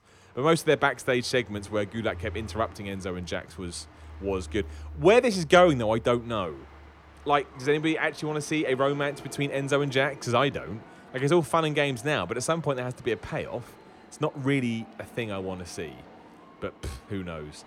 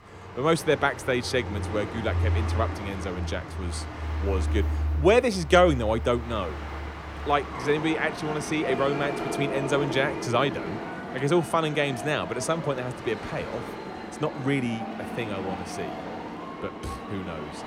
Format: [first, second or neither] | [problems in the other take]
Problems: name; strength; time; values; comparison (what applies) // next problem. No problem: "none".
first | train or aircraft noise; loud; throughout; 6 dB below the speech; faint in the first